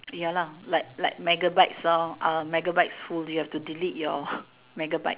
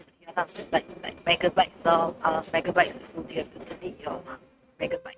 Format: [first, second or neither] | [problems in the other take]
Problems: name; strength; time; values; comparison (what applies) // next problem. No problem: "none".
first | noise reduction (neural mask model RNNoise)